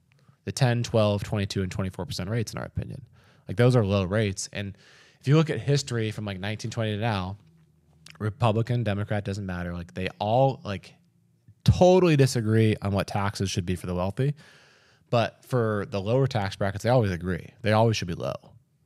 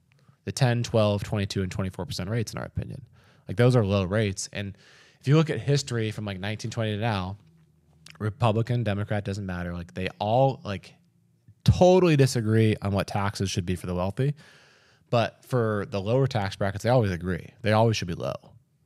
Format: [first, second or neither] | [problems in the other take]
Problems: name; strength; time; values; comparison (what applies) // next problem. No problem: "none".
neither | none